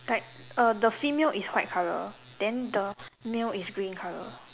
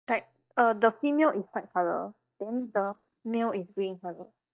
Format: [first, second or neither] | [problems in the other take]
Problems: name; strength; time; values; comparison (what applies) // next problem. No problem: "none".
first | noise reduction (neural mask model DeepFilterNet 3)